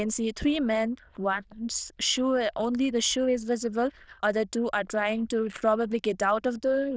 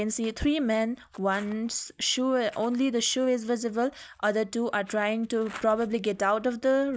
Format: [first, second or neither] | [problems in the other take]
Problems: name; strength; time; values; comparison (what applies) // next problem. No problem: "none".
second | noise reduction (neural diffusion model UNIVERSE++)